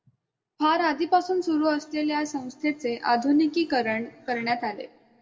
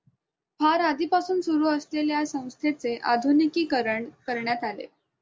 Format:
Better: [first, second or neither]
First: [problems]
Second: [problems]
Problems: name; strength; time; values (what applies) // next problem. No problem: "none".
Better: second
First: room echo; dies away in 1.2 s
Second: none